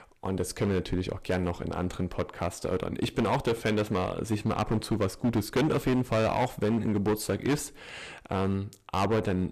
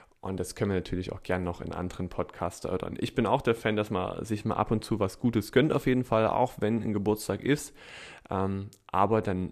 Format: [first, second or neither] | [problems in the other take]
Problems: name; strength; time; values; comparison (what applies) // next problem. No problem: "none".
second | distortion; heavy; 10% of the sound clipped